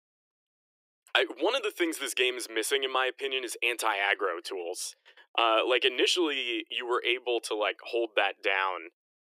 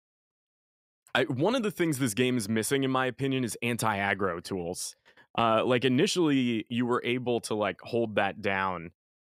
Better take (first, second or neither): second